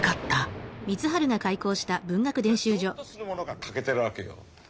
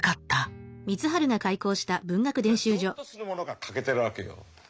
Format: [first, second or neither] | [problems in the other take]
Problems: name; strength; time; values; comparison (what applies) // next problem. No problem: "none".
second | background sound (Thunder); 14 dB below the speech